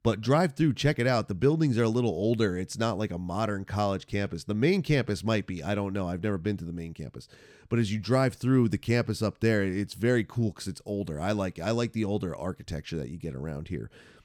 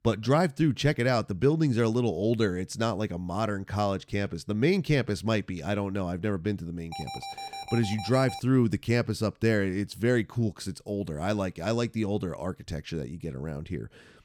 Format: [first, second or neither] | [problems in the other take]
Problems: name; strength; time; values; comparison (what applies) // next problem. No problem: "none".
first | alarm; noticeable; from 7 to 8.5 s; peak 9 dB below the speech